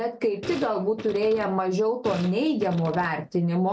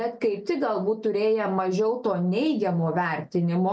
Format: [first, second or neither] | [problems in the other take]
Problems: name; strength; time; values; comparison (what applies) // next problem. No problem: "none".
second | background sound (Fart); 15 dB below the speech